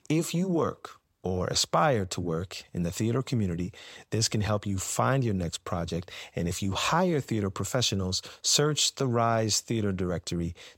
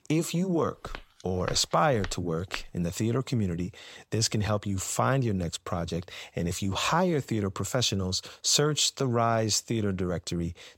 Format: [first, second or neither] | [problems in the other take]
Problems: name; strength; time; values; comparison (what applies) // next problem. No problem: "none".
first | footsteps; faint; from 1 to 2.5 s; peak 10 dB below the speech